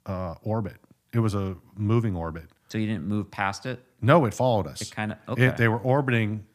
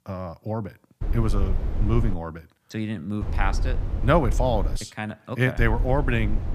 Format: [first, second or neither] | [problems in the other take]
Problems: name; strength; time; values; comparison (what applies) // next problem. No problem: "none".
first | low rumble; noticeable; from 1 to 2 s, from 3 to 5 s and at 5.5 s; 15 dB below the speech